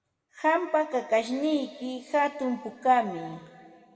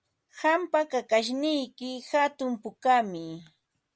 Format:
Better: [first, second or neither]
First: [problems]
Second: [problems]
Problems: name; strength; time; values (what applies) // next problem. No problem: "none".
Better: second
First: room echo; dies away in 2.2 s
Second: none